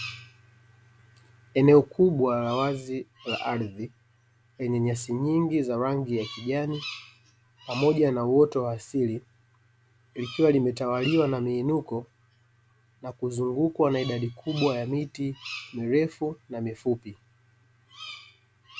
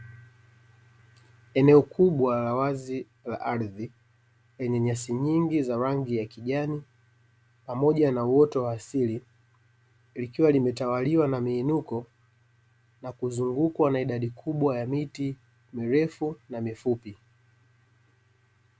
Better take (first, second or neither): second